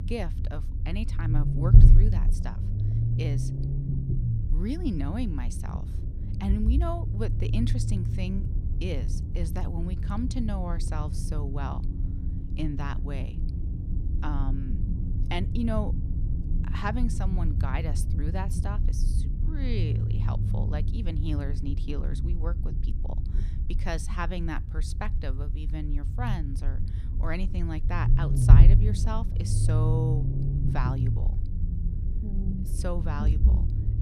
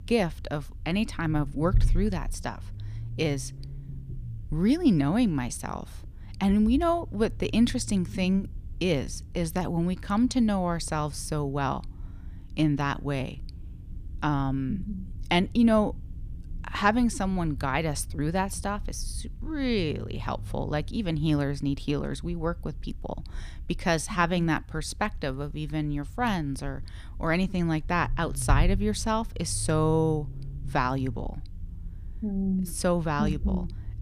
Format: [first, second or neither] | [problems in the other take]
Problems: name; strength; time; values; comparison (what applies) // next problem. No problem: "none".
second | low rumble; loud; throughout; 4 dB below the speech; faint in the second